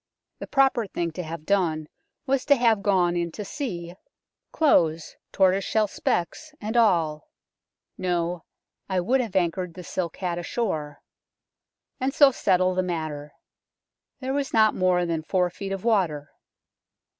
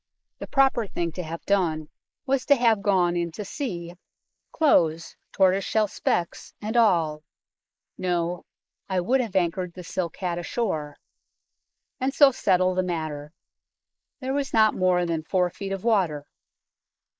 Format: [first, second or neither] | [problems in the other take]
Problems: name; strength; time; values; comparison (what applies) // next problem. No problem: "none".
first | noise reduction (neural mask model Resemble Enhance denoiser)